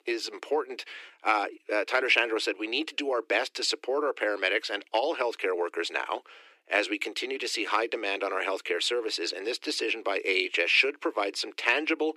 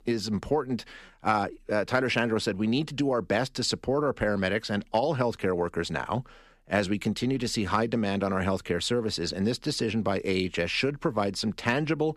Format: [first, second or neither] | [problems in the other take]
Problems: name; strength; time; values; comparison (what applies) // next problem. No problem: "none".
second | thin; very; fading below 300 Hz